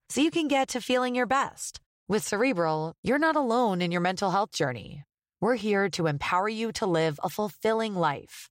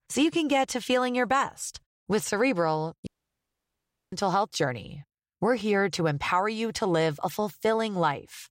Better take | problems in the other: first | audio cutting out; at 3 s for 1 s

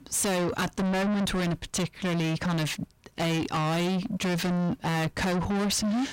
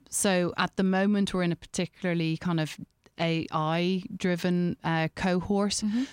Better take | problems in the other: second | distortion; heavy; 6 dB below the speech

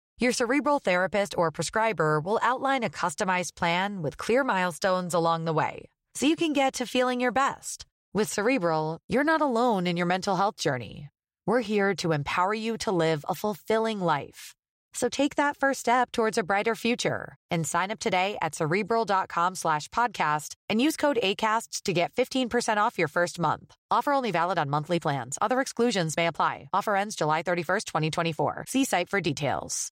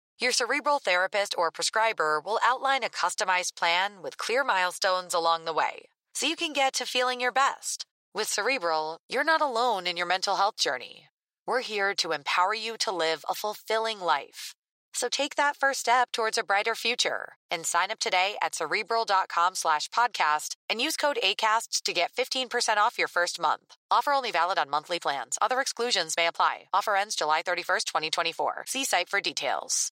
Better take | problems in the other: first | thin; very; fading below 650 Hz

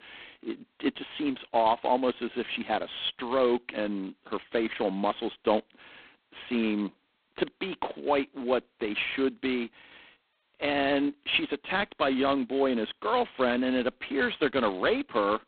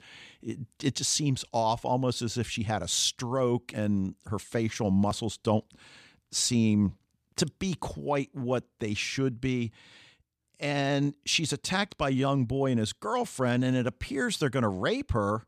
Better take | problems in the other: second | phone-call audio; poor line; nothing above 3.5 kHz

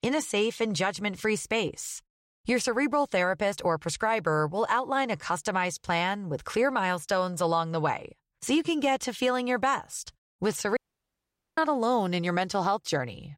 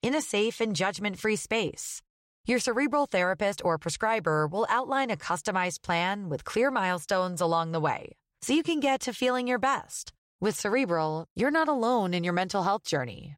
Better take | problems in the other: second | audio cutting out; at 11 s for 1 s

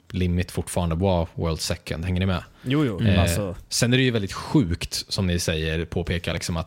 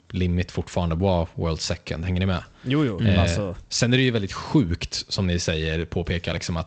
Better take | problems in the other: first | garbled, watery; slightly; nothing above 7.5 kHz

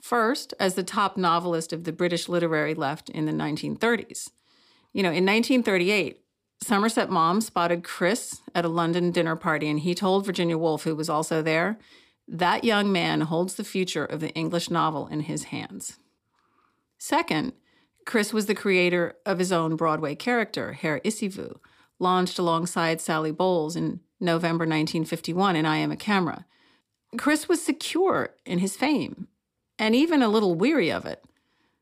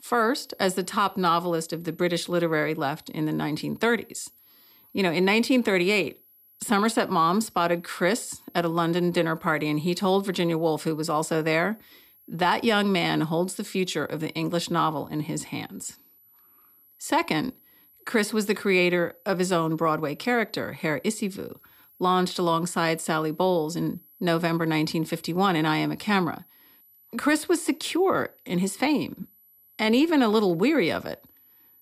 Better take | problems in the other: first | high-pitched whine; faint; throughout; 11.5 kHz, 30 dB below the speech

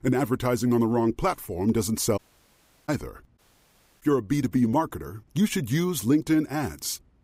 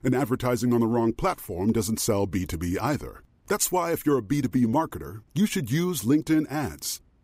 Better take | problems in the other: second | audio cutting out; at 2 s for 0.5 s and at 3.5 s for 0.5 s

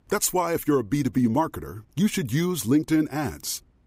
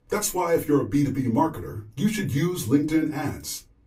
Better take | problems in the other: first | off-mic speech; far // room echo; very slight; dies away in 0.2 s

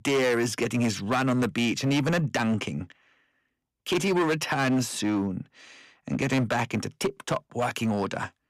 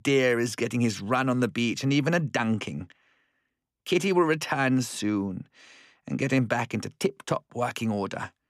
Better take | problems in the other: second | distortion; slight; 11% of the sound clipped

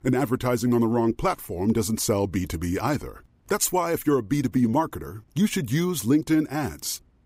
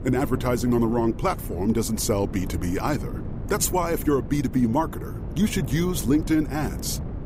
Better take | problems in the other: first | wind noise on the microphone; occasional gusts; 15 dB below the speech

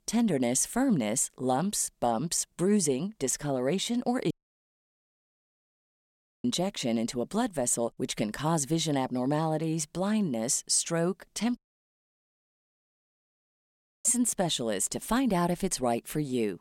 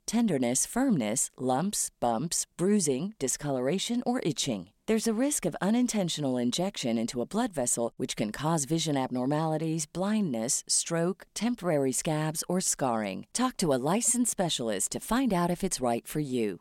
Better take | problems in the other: second | audio cutting out; at 4.5 s for 2 s and at 12 s for 2.5 s

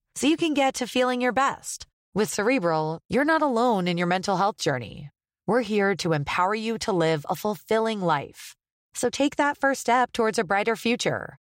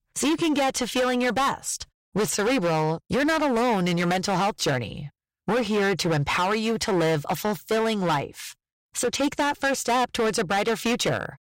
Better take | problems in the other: first | distortion; heavy; 20% of the sound clipped

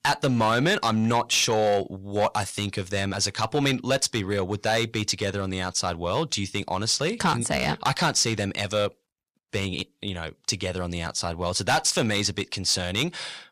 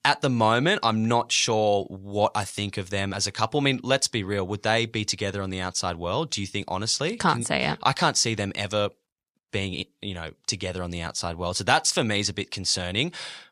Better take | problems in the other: second | distortion; slight; 4% of the sound clipped

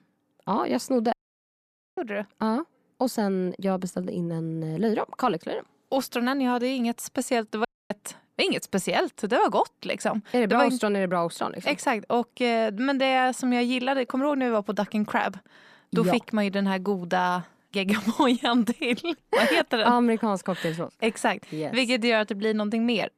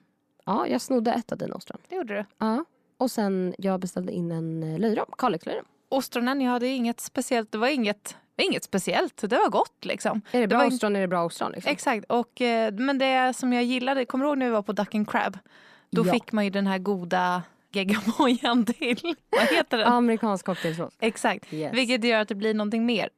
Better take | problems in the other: second | audio cutting out; at 1 s for 1 s and at 7.5 s

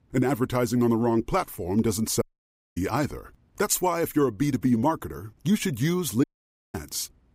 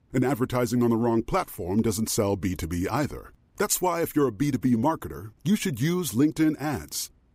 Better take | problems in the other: second | audio cutting out; at 2 s for 0.5 s and at 6 s for 0.5 s

